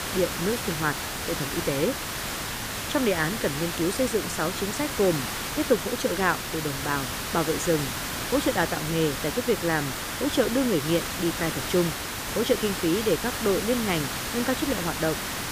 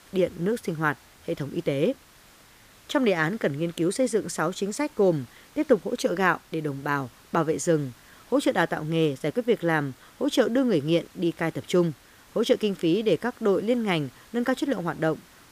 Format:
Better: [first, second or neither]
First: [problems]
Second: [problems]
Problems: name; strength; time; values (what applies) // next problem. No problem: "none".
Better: second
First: hiss; loud; throughout; 3 dB below the speech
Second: hiss; faint; throughout; 25 dB below the speech